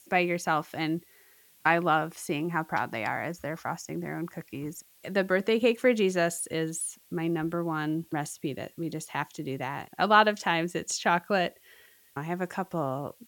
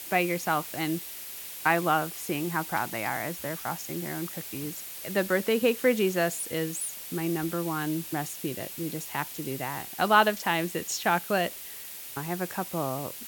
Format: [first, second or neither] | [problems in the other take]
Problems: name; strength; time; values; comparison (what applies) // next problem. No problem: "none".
first | hiss; loud; throughout; 8 dB below the speech; faint in the first